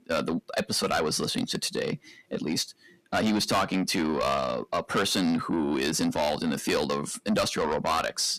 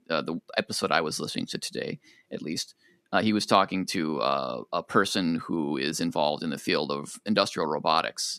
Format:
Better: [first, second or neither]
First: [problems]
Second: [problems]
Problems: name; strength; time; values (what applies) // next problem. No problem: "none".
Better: second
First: distortion; heavy; 6 dB below the speech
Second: none